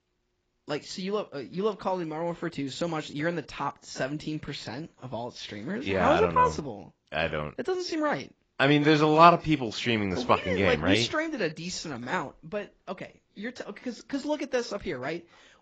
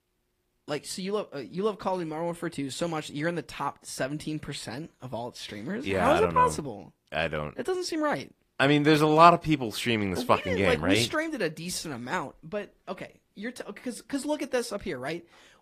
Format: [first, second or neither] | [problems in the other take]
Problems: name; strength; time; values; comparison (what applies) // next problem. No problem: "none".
second | garbled, watery; badly; nothing above 7.5 kHz; slightly in the second